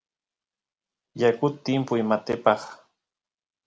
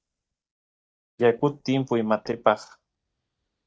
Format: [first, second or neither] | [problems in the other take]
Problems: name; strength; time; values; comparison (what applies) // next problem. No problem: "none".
first | noise reduction (neural mask model DeepFilterNet 3)